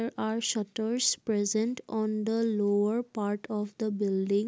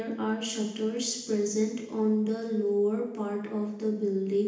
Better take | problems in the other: first | room echo; dies away in 0.9 s

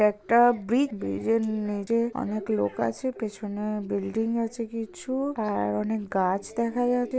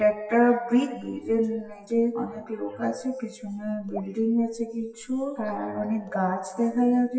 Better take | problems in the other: first | noise reduction (classical method WPE with log-MMSE)

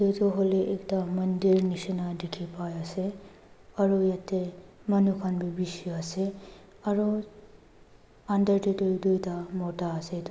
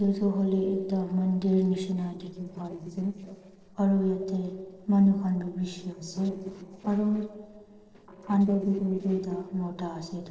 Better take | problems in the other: first | noise reduction (neural separator model SepFormer DNS4)

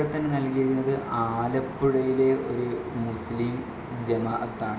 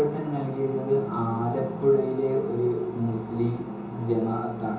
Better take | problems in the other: first | room echo; dies away in 0.6 s

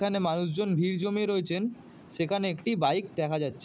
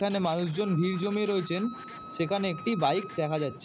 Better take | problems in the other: first | background sound (Scratching (performance technique) + Wind instrument, woodwind instrument); 16 dB below the speech

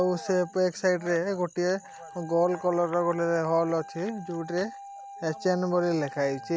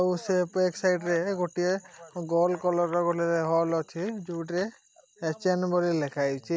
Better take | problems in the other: second | background sound (Wind instrument, woodwind instrument); 17 dB below the speech

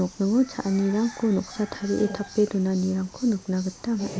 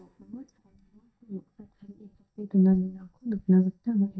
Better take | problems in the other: first | noise reduction (neural mask model DeepFilterNet 3)

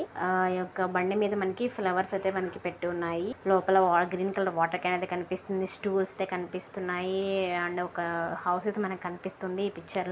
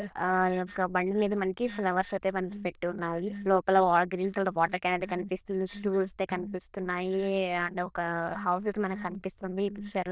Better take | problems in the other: first | noise reduction (neural diffusion model UNIVERSE++)

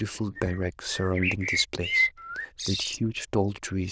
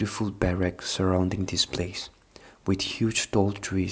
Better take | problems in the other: second | noise reduction (neural diffusion model UNIVERSE++)

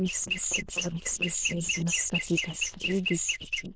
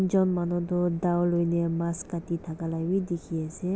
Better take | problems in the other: second | noise reduction (neural diffusion model UNIVERSE++)

